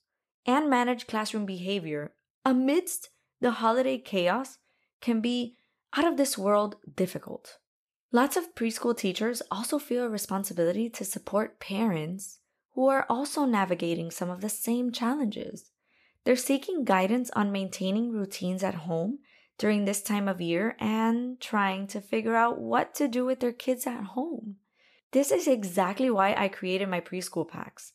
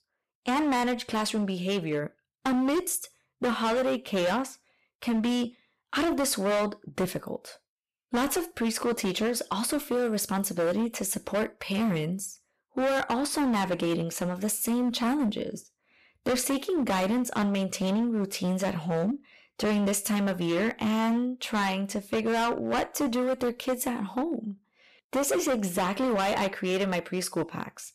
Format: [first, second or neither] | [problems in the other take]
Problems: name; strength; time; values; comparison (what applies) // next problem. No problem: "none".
first | distortion; heavy; 16% of the sound clipped